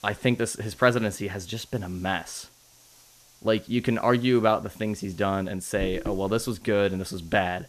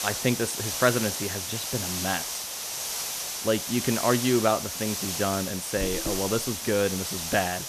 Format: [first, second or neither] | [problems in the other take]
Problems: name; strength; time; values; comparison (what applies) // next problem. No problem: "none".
first | hiss; loud; throughout; 2 dB below the speech; faint in the first